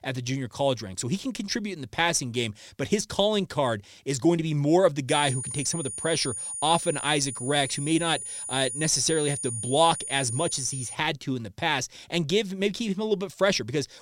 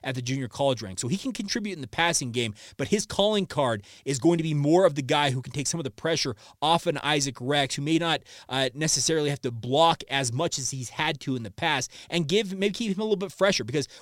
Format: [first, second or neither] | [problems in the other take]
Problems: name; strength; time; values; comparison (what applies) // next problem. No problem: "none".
second | high-pitched whine; loud; from 5 to 11 s; 9.5 kHz, 6 dB below the speech